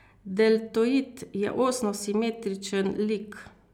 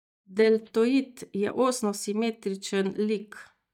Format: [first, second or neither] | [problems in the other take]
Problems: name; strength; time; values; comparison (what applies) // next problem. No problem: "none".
first | noise reduction (neural mask model DeepFilterNet 3)